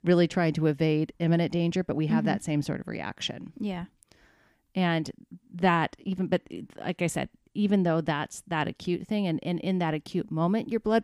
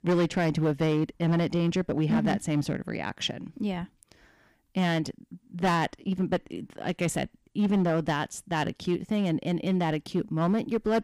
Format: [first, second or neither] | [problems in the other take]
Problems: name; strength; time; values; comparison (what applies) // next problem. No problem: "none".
first | distortion; slight; 7% of the sound clipped